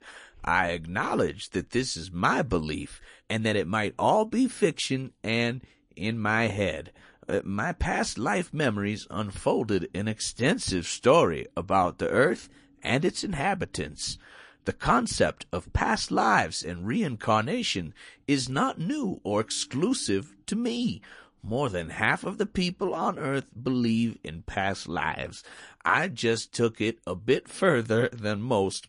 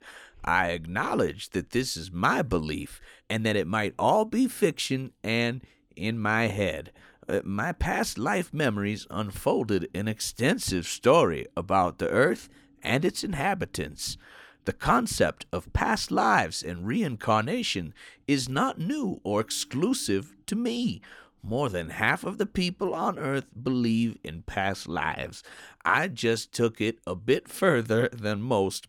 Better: second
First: garbled, watery; slightly; nothing above 10.5 kHz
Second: none

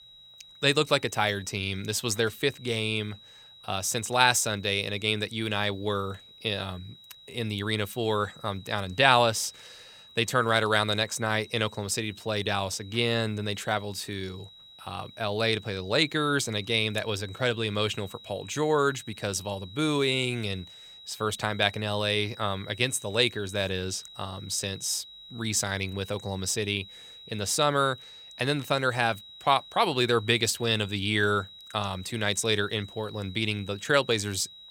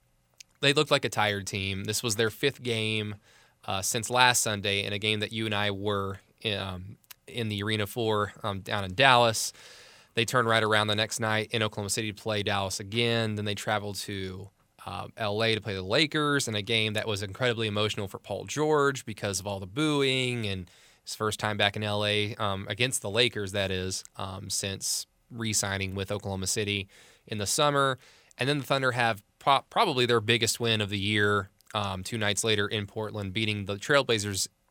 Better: second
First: high-pitched whine; noticeable; throughout; 4 kHz, 20 dB below the speech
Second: none

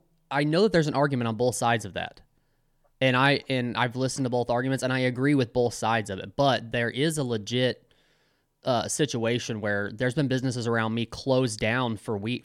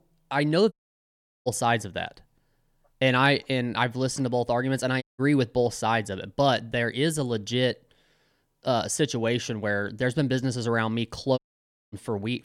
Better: first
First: none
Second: audio cutting out; at 0.5 s for 0.5 s, at 5 s and at 11 s for 0.5 s

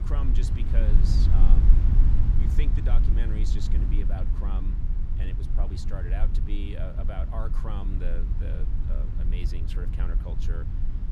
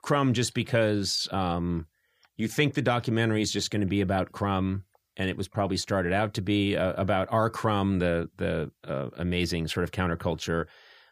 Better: second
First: low rumble; loud; throughout; 1 dB below the speech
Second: none

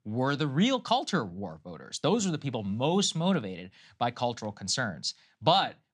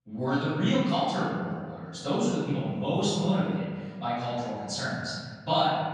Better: first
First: none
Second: off-mic speech; far // room echo; strong; dies away in 1.7 s

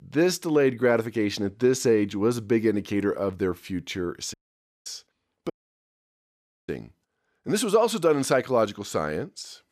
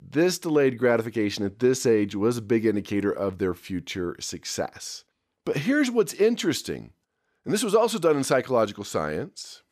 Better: second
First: audio cutting out; at 4.5 s for 0.5 s and at 5.5 s for 1 s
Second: none

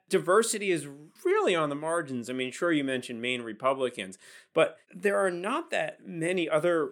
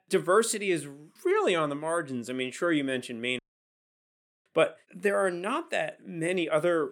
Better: first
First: none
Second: audio cutting out; at 3.5 s for 1 s

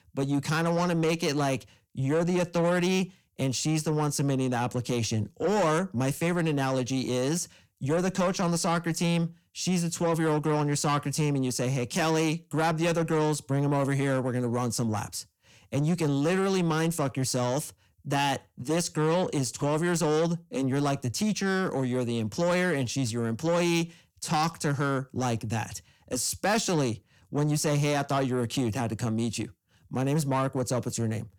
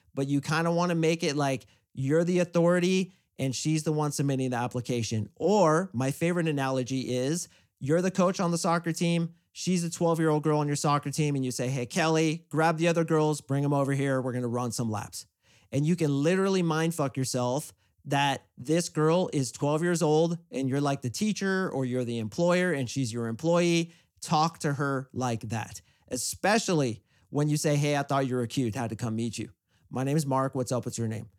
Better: second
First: distortion; slight; 10 dB below the speech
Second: none

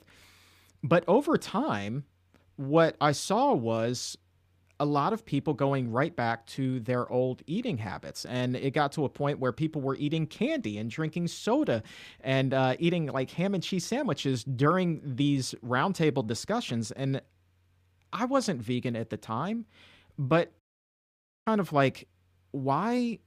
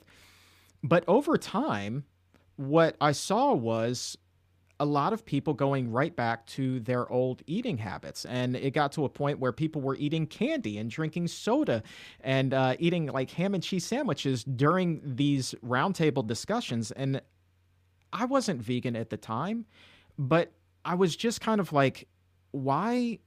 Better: second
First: audio cutting out; at 21 s for 1 s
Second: none

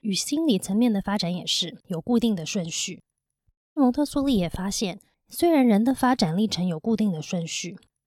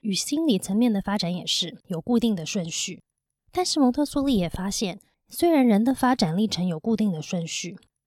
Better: second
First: audio cutting out; at 3.5 s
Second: none

